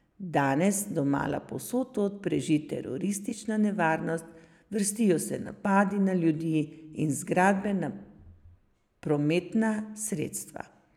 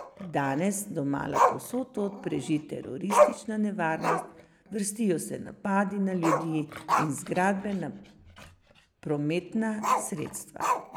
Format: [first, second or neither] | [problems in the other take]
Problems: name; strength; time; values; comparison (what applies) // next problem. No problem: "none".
first | background sound (Growling); 1 dB below the speech